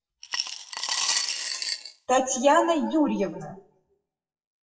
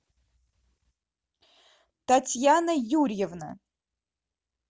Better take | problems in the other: second | noise reduction (classical method WPE with log-MMSE)

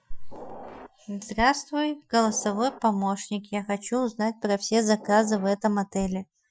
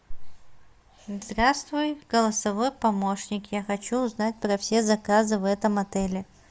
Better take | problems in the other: second | noise reduction (classical method Wiener filter)

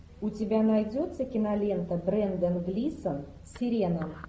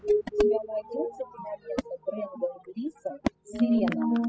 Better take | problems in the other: first | noise reduction (classical method spectral subtraction)

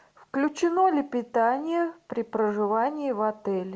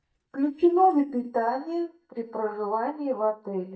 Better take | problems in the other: first | noise reduction (neural mask model DeepFilterNet 3)

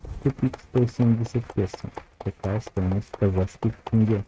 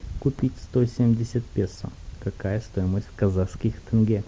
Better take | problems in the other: second | noise reduction (neural mask model RNNoise)

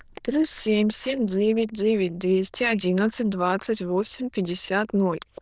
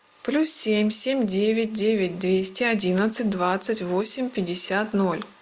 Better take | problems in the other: second | noise reduction (neural diffusion model UNIVERSE++)

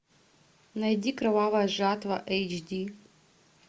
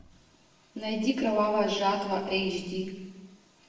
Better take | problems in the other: first | room echo; dies away in 1.1 s

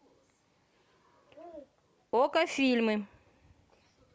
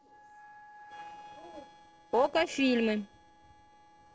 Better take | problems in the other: first | noise reduction (neural separator model SepFormer DNS4)

